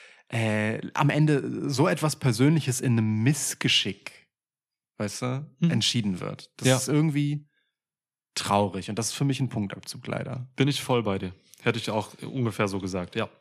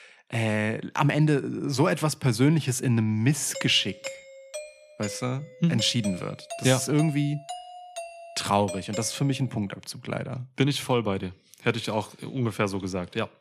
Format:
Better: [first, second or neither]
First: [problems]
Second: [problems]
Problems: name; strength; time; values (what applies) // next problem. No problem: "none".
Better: first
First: none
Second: doorbell; faint; from 3.5 to 9.5 s; peak 10 dB below the speech